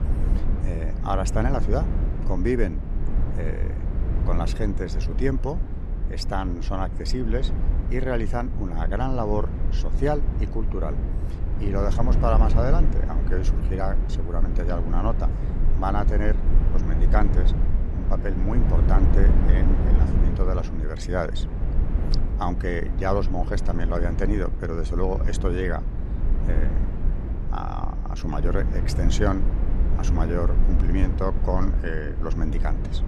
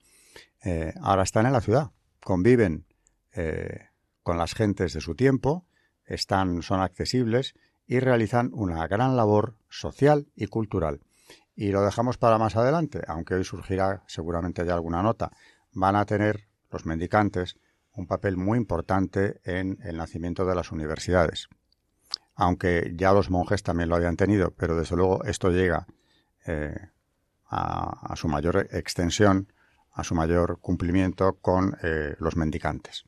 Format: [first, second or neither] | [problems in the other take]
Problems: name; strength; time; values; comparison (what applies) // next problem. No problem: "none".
second | low rumble; loud; throughout; 8 dB below the speech